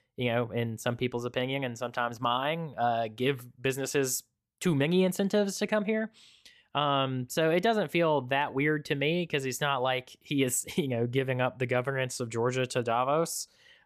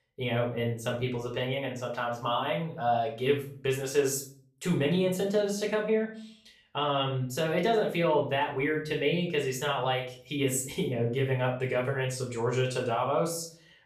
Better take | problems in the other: first | off-mic speech; far // room echo; slight; dies away in 0.4 s

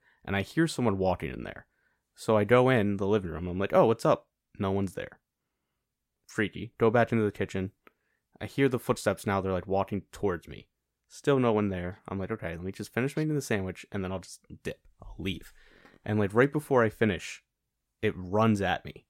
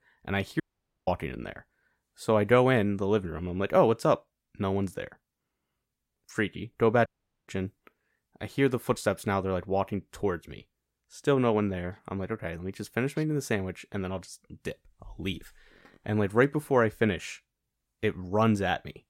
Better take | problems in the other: first | audio cutting out; at 0.5 s and at 7 s

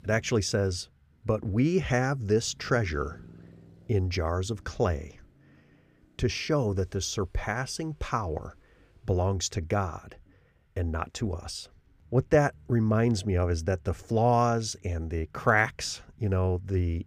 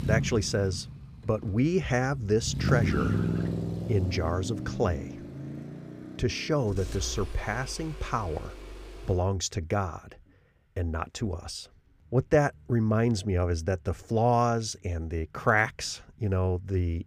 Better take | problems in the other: first | traffic noise; loud; until 9 s; 6 dB below the speech; faint in the first

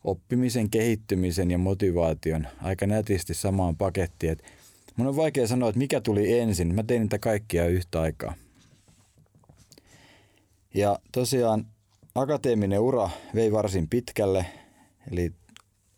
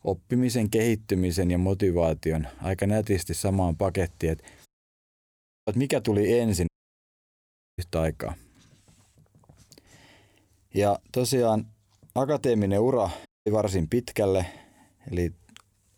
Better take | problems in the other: first | audio cutting out; at 4.5 s for 1 s, at 6.5 s for 1 s and at 13 s

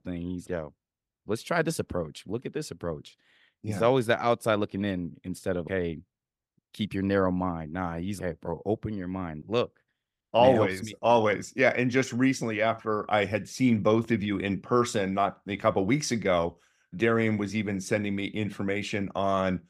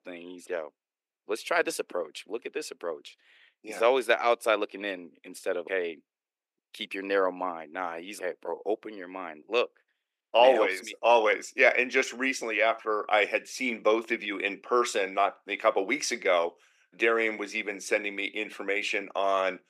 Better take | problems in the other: first | thin; somewhat; fading below 350 Hz

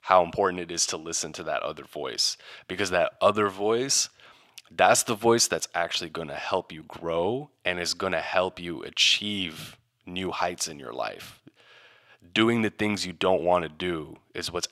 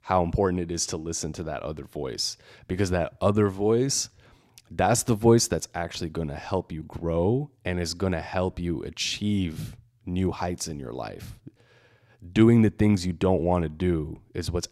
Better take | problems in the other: second | thin; somewhat; fading below 600 Hz

